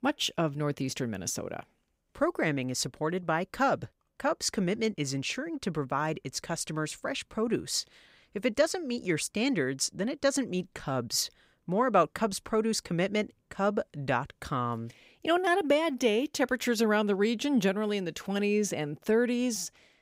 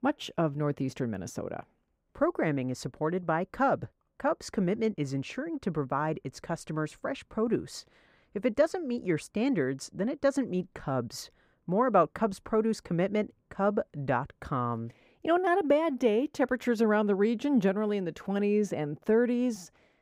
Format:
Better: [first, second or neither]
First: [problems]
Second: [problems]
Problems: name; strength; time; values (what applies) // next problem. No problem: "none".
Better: first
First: none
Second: muffled; slightly; fading above 2 kHz